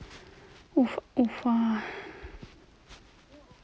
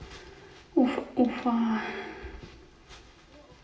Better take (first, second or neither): first